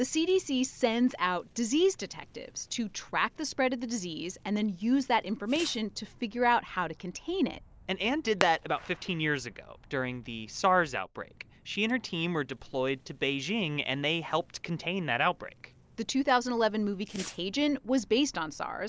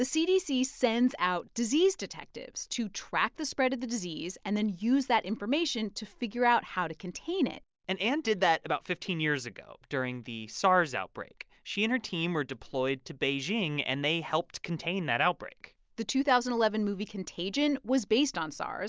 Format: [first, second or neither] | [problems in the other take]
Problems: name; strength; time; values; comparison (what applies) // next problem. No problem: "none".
second | background sound (Fireworks); 19 dB below the speech